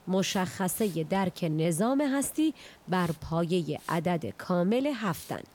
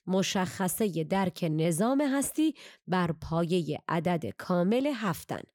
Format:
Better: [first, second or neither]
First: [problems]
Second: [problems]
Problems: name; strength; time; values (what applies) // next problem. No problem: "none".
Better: second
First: hiss; faint; throughout; 25 dB below the speech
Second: none